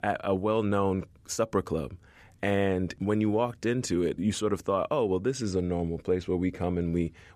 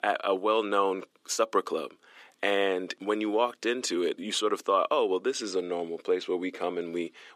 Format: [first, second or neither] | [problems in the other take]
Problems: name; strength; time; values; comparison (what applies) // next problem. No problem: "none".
first | thin; somewhat; fading below 300 Hz